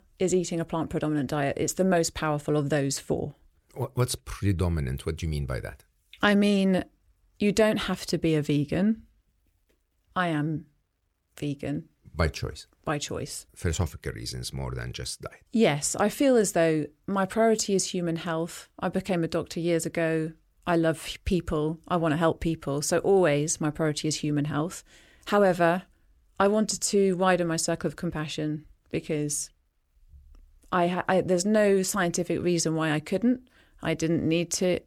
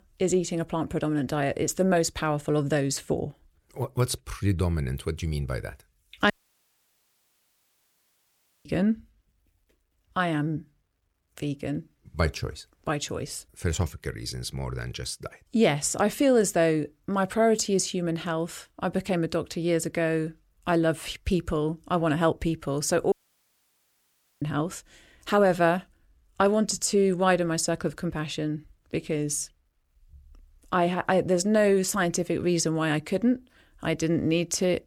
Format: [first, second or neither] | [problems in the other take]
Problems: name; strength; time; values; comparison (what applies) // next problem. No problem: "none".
first | audio cutting out; at 6.5 s for 2.5 s and at 23 s for 1.5 s